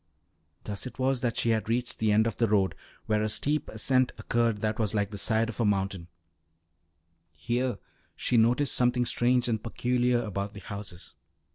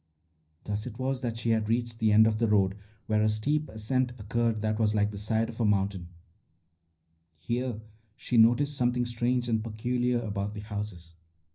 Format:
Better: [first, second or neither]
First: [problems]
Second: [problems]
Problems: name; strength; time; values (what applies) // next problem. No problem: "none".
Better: first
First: none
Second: room echo; dies away in 0.5 s